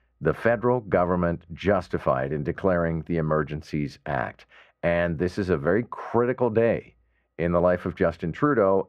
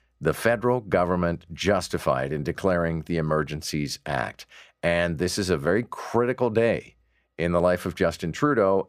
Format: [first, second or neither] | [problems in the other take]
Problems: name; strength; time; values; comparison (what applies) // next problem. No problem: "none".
second | muffled; very; fading above 3.5 kHz